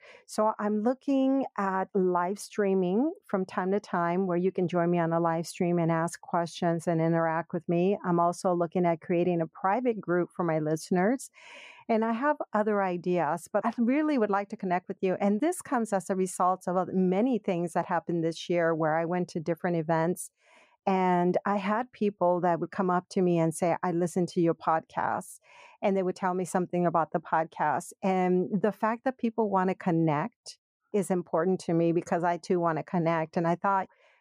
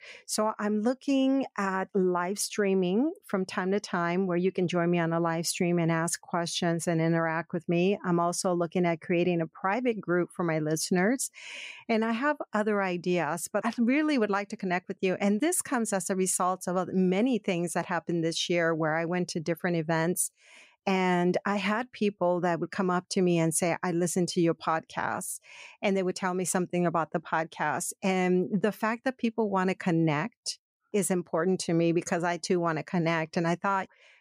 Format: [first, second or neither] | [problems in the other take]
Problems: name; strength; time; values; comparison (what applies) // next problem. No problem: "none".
second | muffled; slightly; fading above 2 kHz